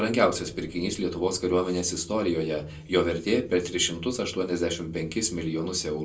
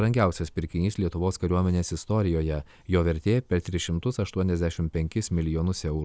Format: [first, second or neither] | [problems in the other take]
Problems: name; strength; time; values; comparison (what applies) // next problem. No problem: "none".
second | room echo; dies away in 0.2 s